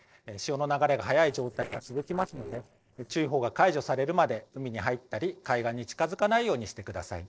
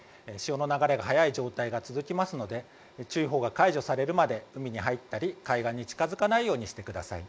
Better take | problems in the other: second | noise reduction (neural separator model SepFormer DNS4)

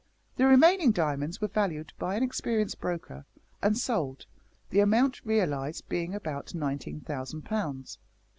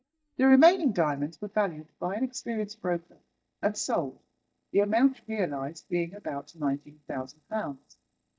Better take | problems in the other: first | noise reduction (neural mask model DeepFilterNet 3)

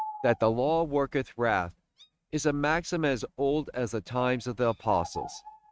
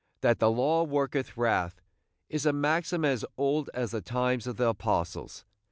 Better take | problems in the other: second | noise reduction (neural mask model RNNoise)

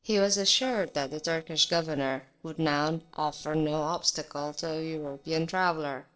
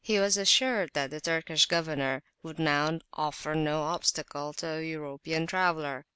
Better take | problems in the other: second | noise reduction (neural separator model SepFormer DNS4)

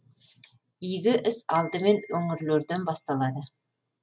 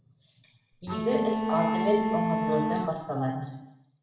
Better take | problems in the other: first | background sound (Bowed string instrument); 1 dB above the speech // room echo; dies away in 0.9 s

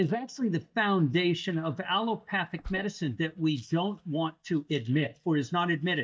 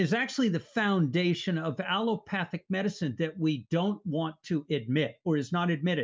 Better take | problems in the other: second | noise reduction (neural mask model DeepFilterNet 3)

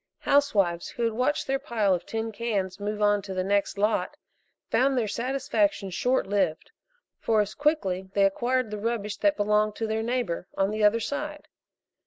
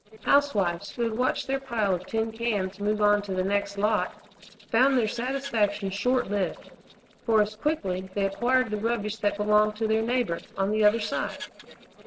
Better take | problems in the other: first | noise reduction (neural separator model SepFormer DNS4)

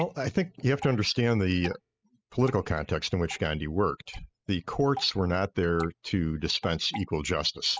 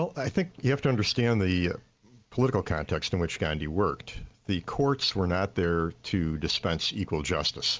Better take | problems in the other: second | noise reduction (classical method spectral subtraction)

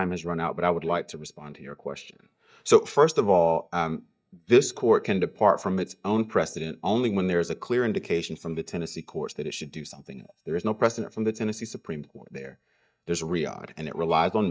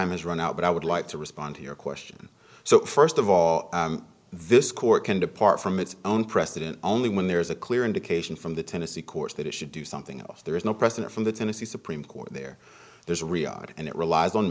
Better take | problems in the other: second | noise reduction (neural mask model DeepFilterNet 3)

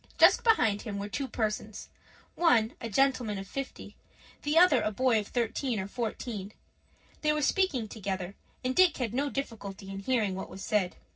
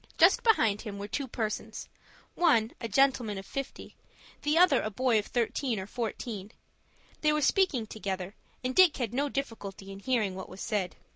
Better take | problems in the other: second | noise reduction (neural separator model SepFormer DNS4)

